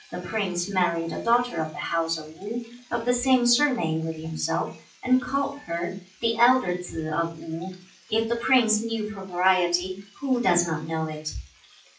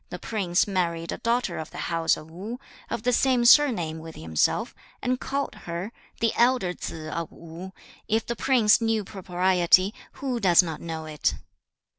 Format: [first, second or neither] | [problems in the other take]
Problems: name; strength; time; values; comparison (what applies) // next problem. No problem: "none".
second | noise reduction (classical method WPE with log-MMSE)